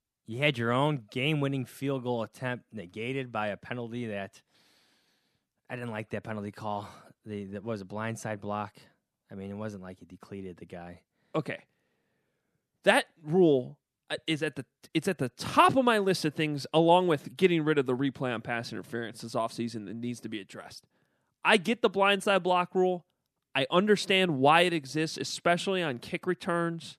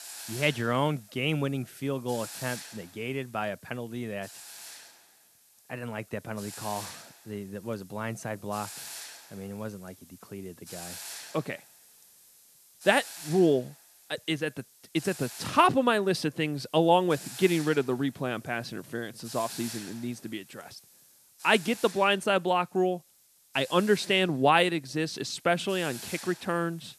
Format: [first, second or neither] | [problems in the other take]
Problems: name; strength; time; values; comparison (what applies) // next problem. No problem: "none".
first | hiss; noticeable; throughout; 15 dB below the speech